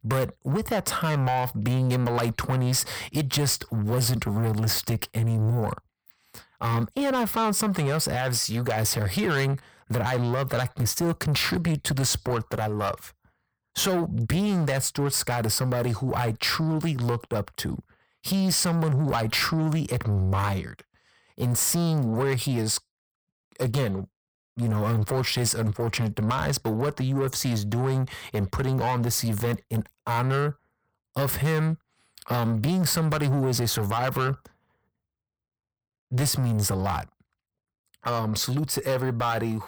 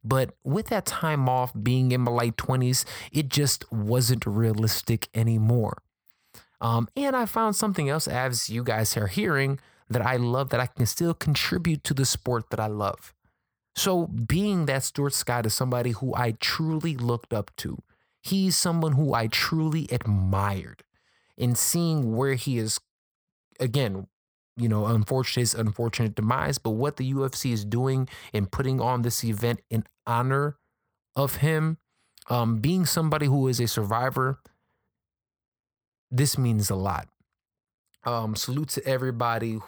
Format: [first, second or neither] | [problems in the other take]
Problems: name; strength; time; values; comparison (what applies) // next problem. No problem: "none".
second | distortion; slight; 9 dB below the speech